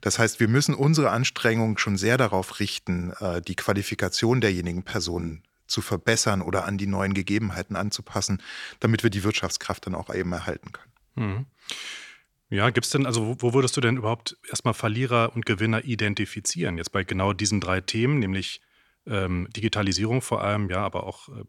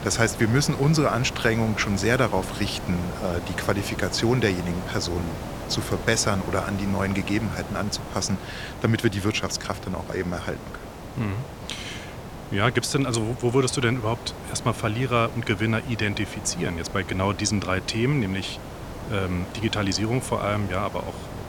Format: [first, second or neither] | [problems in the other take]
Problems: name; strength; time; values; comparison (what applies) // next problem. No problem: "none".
first | hiss; noticeable; throughout; 10 dB below the speech